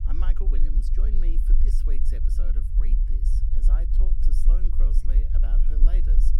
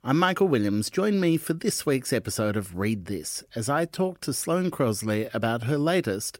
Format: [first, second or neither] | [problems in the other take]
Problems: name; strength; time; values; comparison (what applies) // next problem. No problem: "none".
second | low rumble; loud; throughout; 1 dB below the speech